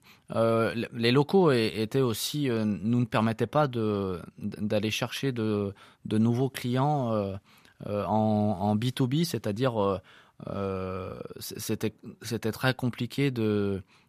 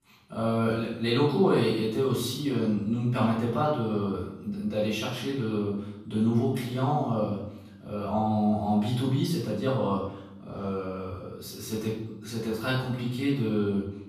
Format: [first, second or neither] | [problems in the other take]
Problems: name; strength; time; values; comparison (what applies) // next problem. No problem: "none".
first | off-mic speech; far // room echo; noticeable; dies away in 0.7 s